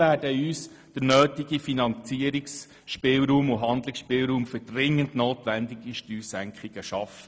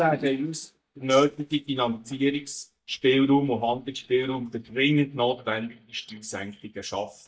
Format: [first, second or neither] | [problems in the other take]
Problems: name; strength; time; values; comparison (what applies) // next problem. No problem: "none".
first | noise reduction (neural mask model DeepFilterNet 3)